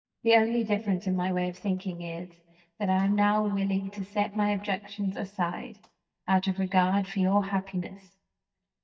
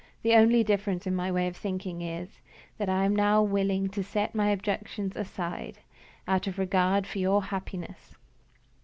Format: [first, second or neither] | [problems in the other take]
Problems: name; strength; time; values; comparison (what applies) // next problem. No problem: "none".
second | noise reduction (neural mask model DeepFilterNet 3)